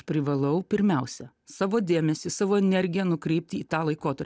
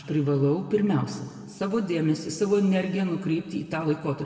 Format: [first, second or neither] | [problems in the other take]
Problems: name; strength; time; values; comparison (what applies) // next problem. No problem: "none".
first | room echo; dies away in 1.9 s